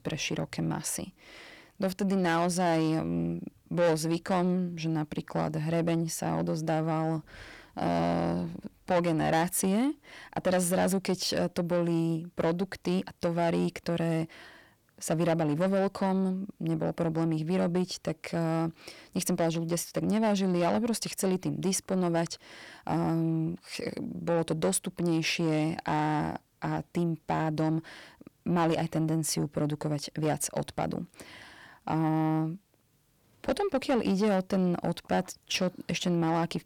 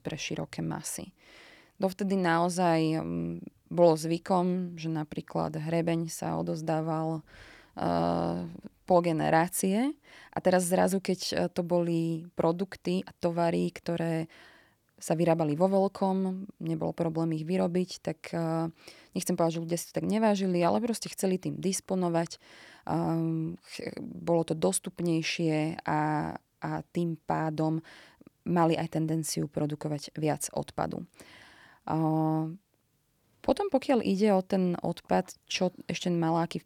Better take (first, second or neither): second